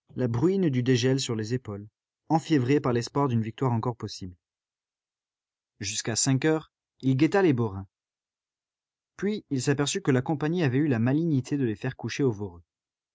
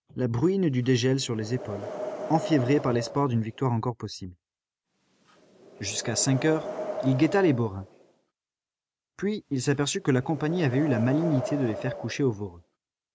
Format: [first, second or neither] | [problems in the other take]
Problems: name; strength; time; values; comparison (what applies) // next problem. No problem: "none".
first | background sound (Wind); 11 dB below the speech